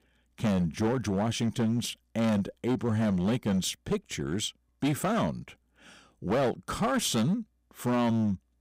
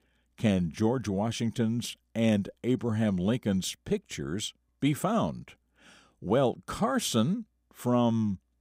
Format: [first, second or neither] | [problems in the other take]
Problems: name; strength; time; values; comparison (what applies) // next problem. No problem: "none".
second | distortion; slight; 12% of the sound clipped